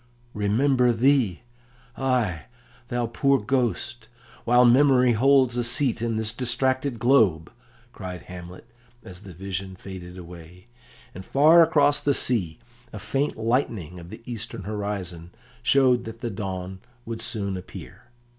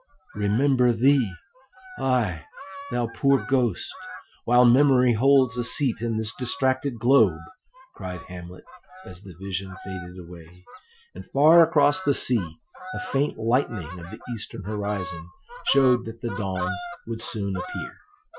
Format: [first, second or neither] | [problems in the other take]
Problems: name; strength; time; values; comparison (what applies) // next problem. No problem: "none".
first | noise reduction (classical method Wiener filter)